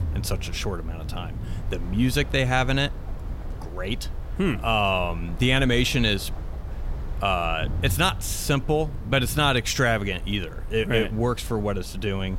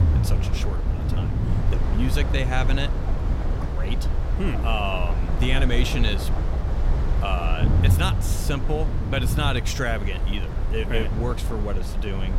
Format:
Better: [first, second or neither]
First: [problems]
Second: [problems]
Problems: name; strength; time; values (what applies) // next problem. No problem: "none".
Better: first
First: low rumble; faint; throughout; 20 dB below the speech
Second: low rumble; loud; throughout; 6 dB below the speech